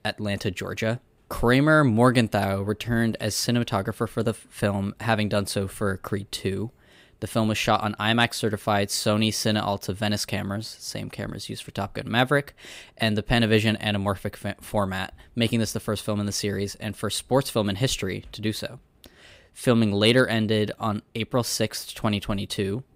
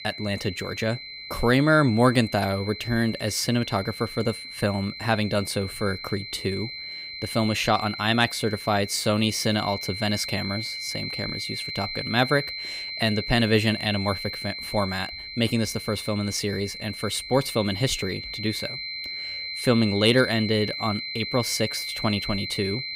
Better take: first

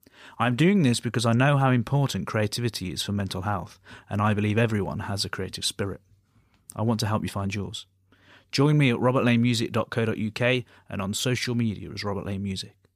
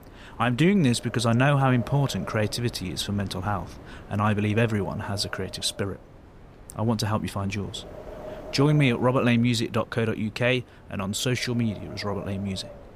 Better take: first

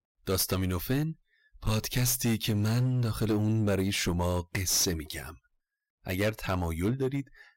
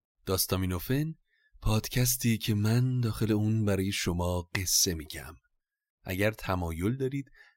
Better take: second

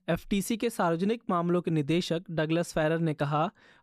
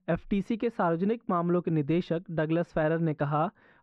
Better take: first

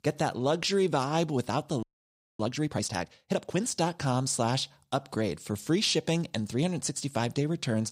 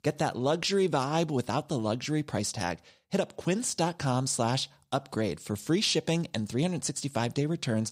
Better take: second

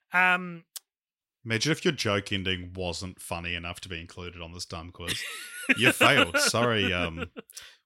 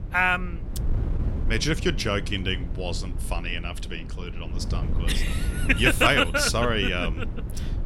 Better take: first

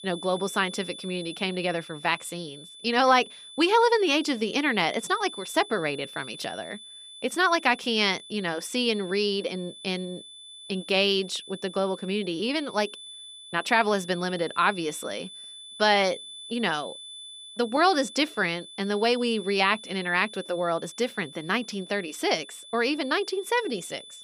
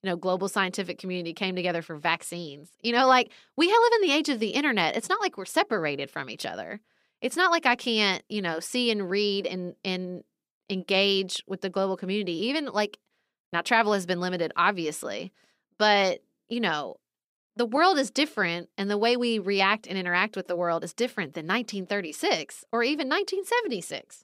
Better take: second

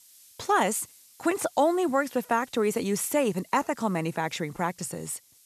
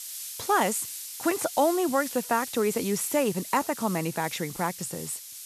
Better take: first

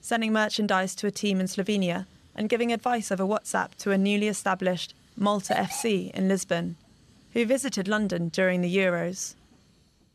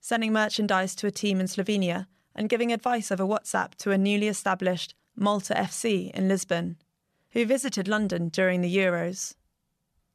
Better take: second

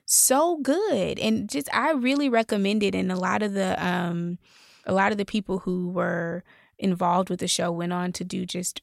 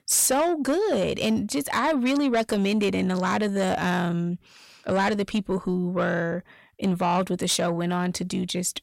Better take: first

